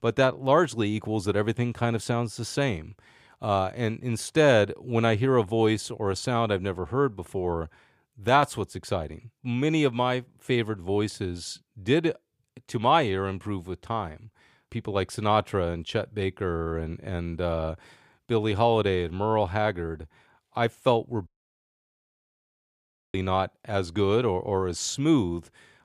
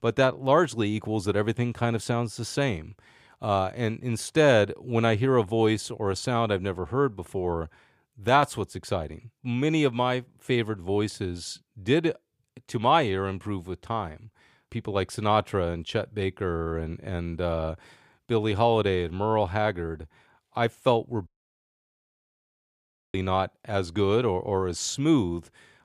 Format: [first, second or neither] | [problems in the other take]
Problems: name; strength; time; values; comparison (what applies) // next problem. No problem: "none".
neither | audio cutting out; at 21 s for 2 s; the same in both